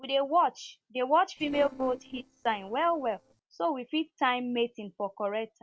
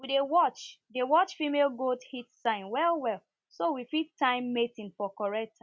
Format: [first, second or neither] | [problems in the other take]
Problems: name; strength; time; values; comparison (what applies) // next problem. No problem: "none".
second | noise reduction (neural separator model SepFormer DNS4)